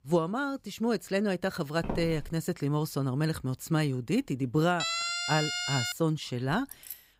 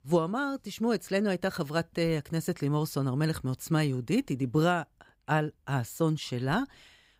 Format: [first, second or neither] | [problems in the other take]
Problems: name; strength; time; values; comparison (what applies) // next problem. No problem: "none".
second | footsteps; noticeable; at 2 s; peak 7 dB below the speech // siren; loud; from 5 to 6 s; peak 1 dB above the speech // jangling keys; faint; at 6.5 s; peak 15 dB below the speech